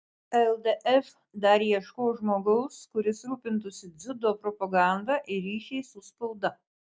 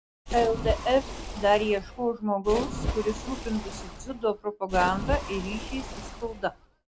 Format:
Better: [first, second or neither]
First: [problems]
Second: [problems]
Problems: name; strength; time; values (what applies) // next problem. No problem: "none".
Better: first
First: none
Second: background sound (Splash, splatter); 6 dB below the speech